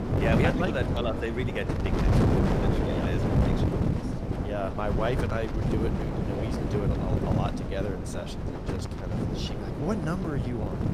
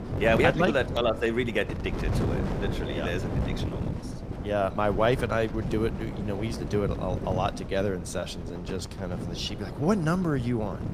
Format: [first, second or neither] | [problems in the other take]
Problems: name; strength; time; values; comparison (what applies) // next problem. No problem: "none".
second | wind noise on the microphone; heavy; as loud as the speech; occasional gusts in the second